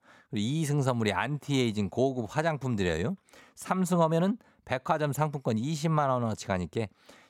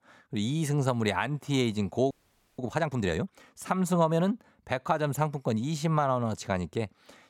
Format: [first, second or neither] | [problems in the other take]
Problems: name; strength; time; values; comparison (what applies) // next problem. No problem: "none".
first | audio freezing; at 2 s